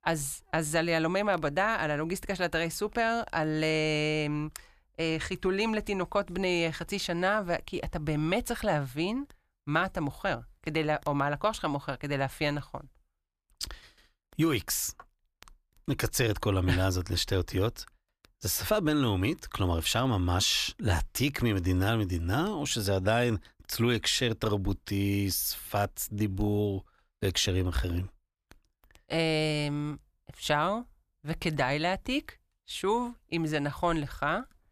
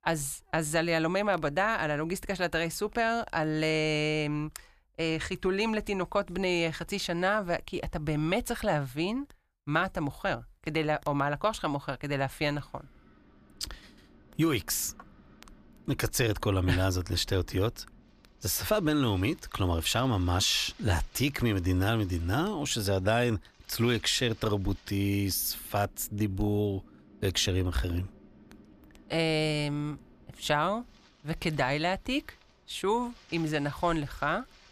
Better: first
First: none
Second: wind in the background; faint; from 13 s on; 25 dB below the speech

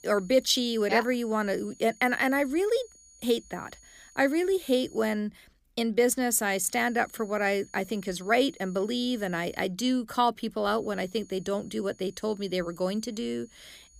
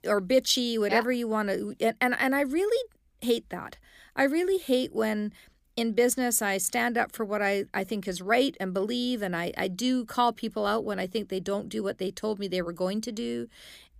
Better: second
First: high-pitched whine; faint; until 5 s, from 6.5 to 9.5 s and from 11 s on; 6.5 kHz, 25 dB below the speech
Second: none

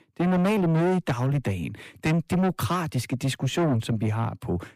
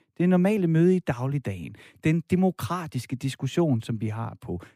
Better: second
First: distortion; heavy; 6 dB below the speech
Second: none

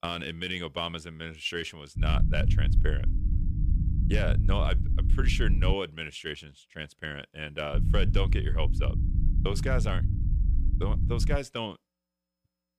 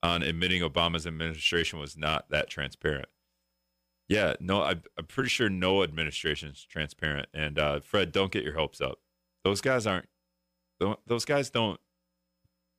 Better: second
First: low rumble; loud; from 2 to 5.5 s and from 7.5 to 11 s; 10 dB below the speech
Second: none

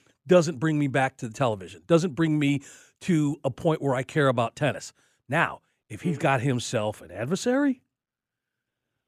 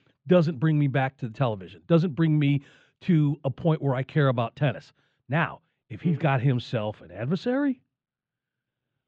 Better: first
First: none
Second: muffled; slightly; fading above 4 kHz

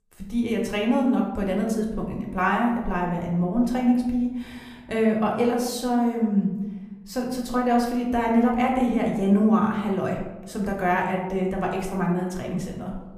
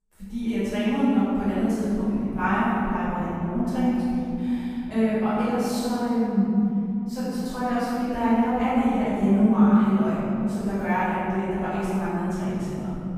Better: first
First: room echo; slight; dies away in 0.8 s // off-mic speech; somewhat distant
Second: room echo; strong; dies away in 3 s // off-mic speech; far

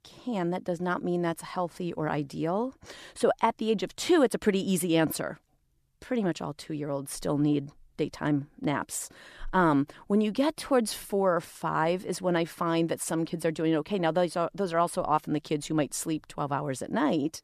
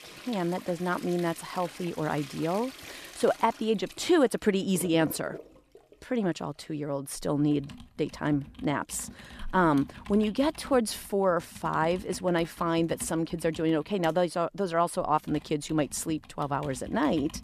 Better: first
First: none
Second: household noises; noticeable; throughout; 20 dB below the speech

